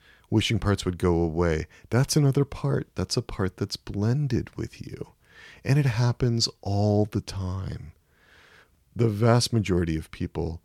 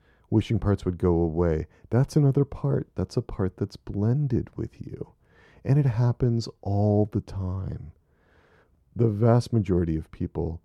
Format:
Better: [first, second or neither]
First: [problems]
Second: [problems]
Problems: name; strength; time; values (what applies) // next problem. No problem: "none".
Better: first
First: none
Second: muffled; slightly; fading above 1.5 kHz